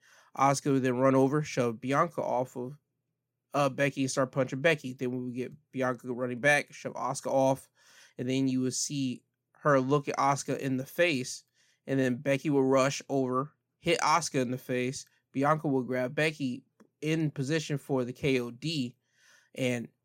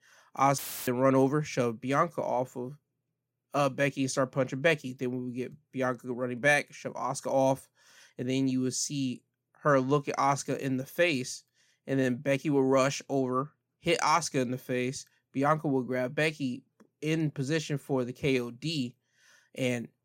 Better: first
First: none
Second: audio cutting out; filled with static; at 0.5 s

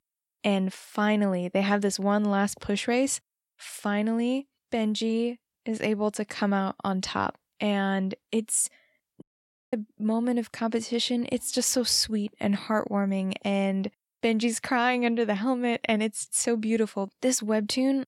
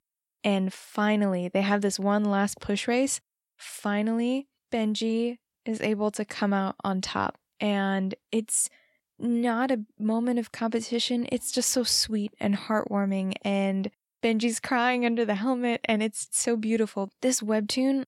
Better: second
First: audio cutting out; at 9 s for 0.5 s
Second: none

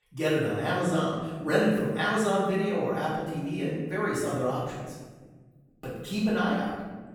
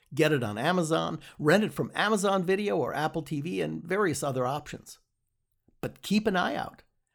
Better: second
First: off-mic speech; far // room echo; strong; dies away in 1.2 s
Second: none

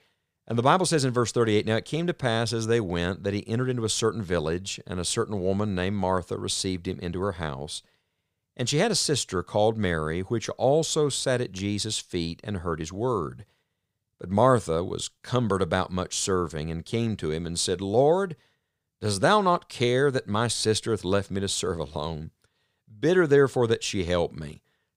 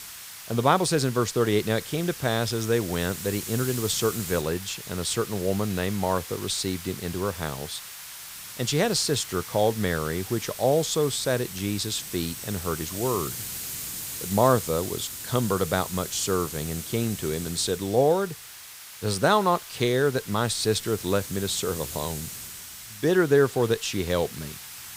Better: first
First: none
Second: hiss; loud; throughout; 10 dB below the speech

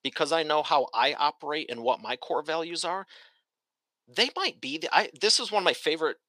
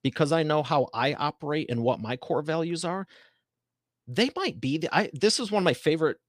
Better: second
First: thin; somewhat; fading below 450 Hz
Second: none

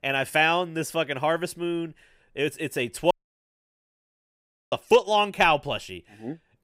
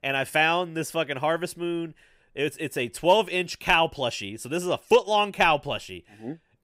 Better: second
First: audio cutting out; at 3 s for 1.5 s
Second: none

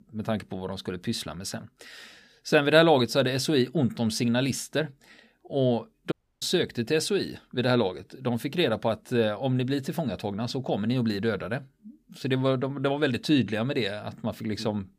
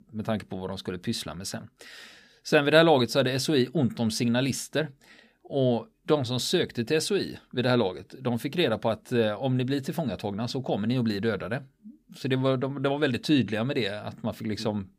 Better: second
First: audio cutting out; at 6 s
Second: none

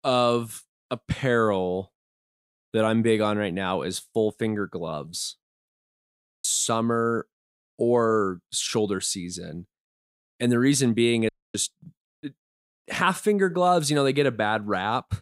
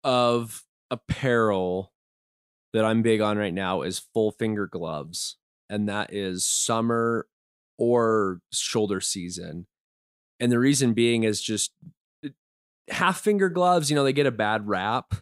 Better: second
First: audio cutting out; at 5.5 s for 1 s and at 11 s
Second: none

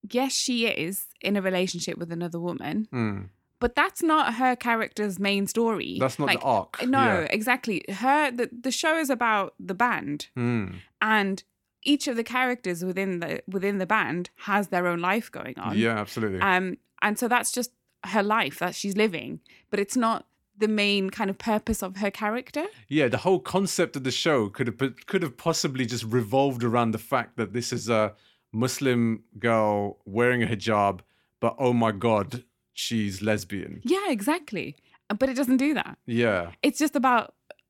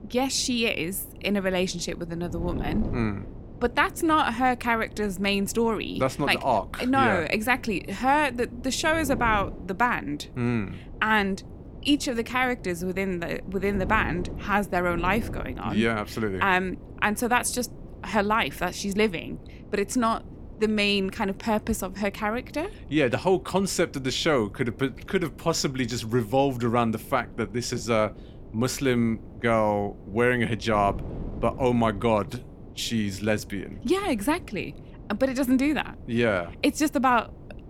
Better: first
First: none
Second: wind noise on the microphone; occasional gusts; 20 dB below the speech

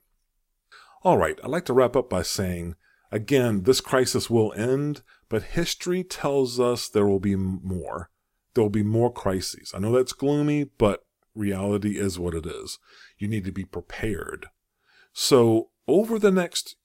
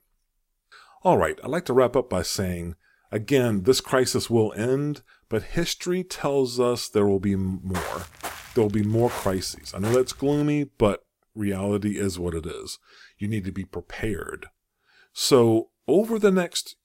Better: first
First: none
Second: footsteps; noticeable; from 7.5 to 10 s; peak 9 dB below the speech

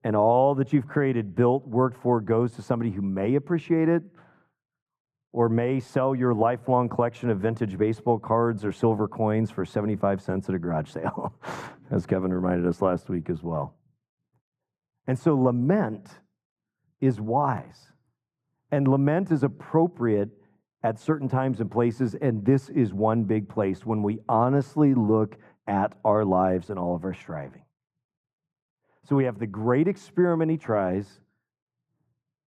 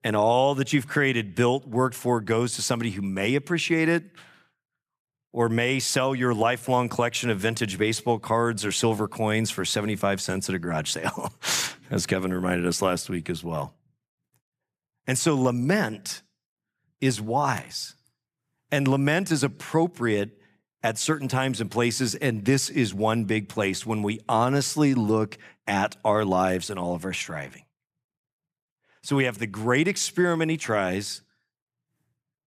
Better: second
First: muffled; very; fading above 2 kHz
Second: none

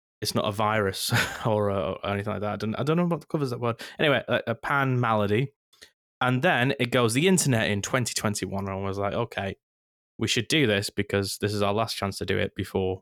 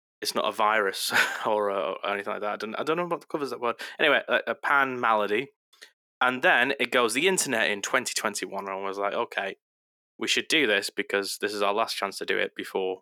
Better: first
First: none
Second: thin; somewhat; fading below 300 Hz

